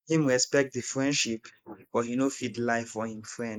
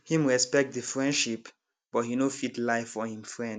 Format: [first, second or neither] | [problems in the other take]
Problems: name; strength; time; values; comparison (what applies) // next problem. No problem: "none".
second | noise reduction (neural mask model Resemble Enhance denoiser)